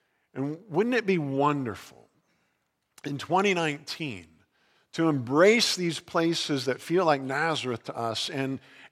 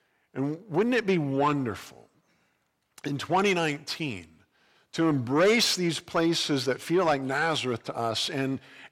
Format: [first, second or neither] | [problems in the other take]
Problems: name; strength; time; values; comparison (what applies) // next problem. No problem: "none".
first | distortion; slight; 10 dB below the speech